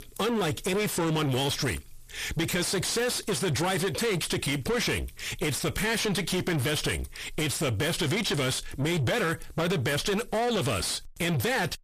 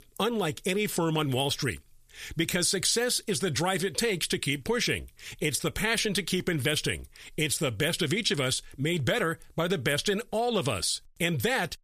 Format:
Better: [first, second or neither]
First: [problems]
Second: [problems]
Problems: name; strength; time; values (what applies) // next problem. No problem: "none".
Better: second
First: distortion; heavy; 5 dB below the speech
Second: none